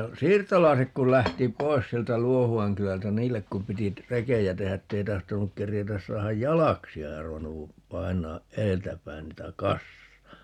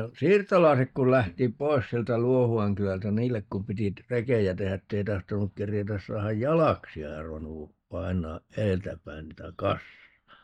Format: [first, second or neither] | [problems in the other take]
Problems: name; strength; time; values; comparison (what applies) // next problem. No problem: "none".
first | noise reduction (neural mask model DeepFilterNet 3)